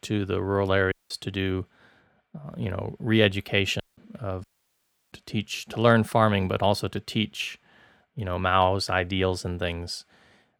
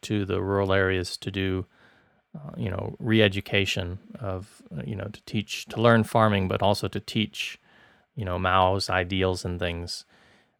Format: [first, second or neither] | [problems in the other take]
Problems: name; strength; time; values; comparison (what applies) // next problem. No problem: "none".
second | audio cutting out; at 1 s, at 4 s and at 4.5 s for 0.5 s